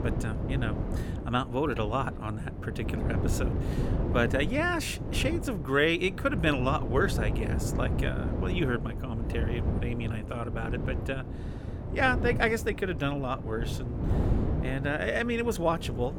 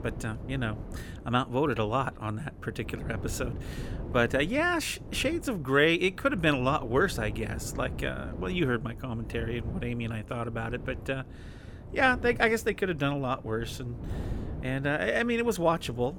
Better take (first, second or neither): second